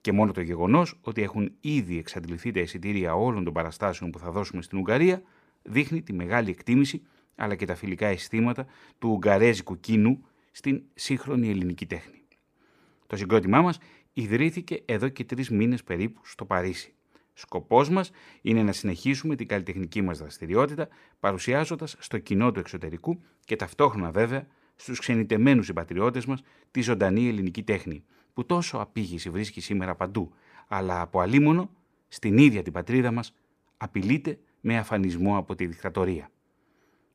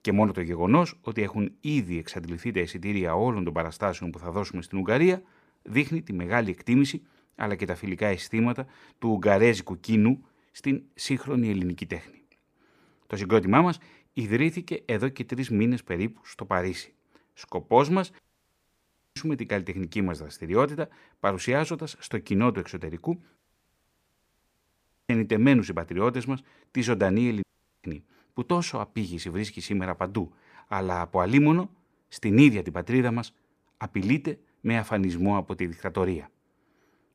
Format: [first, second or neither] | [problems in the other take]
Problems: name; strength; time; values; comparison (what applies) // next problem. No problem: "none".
first | audio cutting out; at 18 s for 1 s, at 23 s for 1.5 s and at 27 s